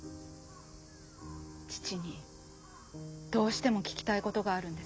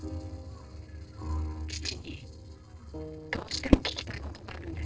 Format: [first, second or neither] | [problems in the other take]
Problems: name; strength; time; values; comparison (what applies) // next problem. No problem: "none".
first | noise reduction (neural separator model SepFormer DNS4)